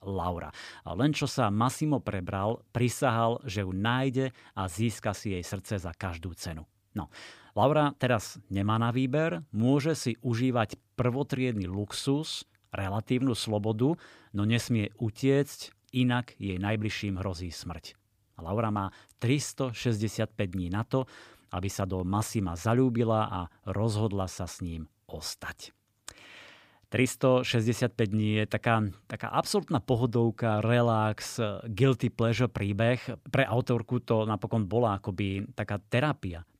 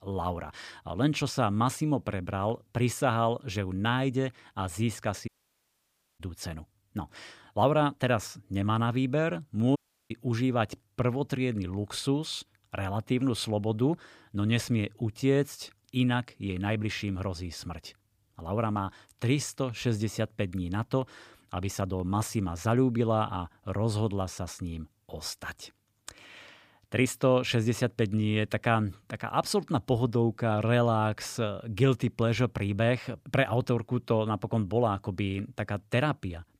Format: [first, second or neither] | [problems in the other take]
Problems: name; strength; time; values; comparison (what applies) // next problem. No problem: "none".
first | audio cutting out; at 5.5 s for 1 s and at 10 s